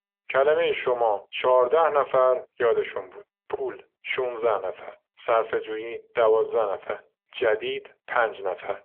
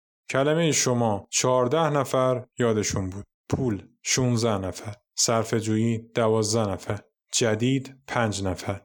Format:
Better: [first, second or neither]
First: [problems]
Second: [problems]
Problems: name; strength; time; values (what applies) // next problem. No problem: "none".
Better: second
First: phone-call audio; poor line; nothing above 3.5 kHz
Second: none